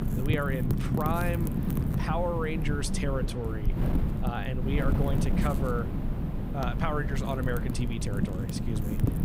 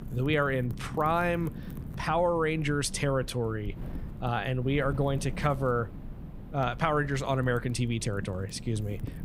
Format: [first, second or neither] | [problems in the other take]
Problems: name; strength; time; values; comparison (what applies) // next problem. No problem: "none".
second | wind noise on the microphone; heavy; 5 dB below the speech; occasional gusts in the second